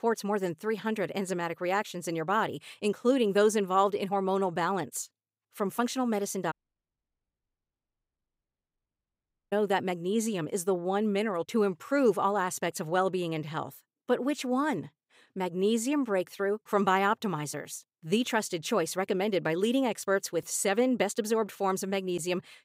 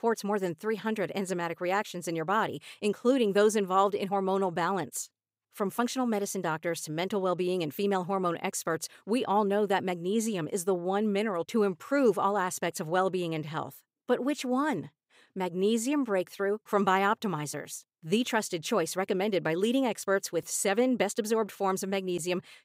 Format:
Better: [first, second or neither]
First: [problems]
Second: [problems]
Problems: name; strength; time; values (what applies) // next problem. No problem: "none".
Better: second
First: audio cutting out; at 6.5 s for 3 s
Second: none